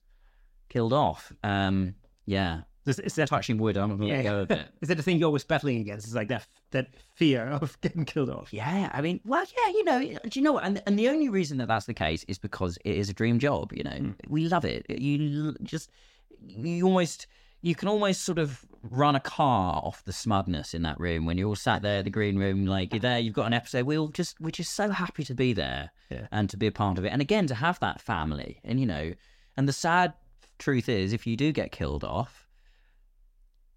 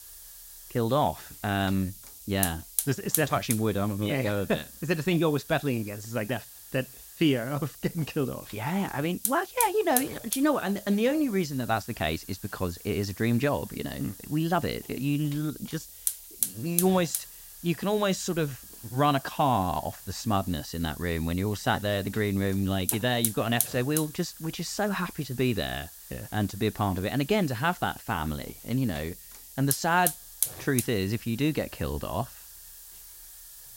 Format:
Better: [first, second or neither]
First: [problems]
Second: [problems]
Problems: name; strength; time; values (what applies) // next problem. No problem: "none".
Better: first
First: none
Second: hiss; loud; throughout; 8 dB below the speech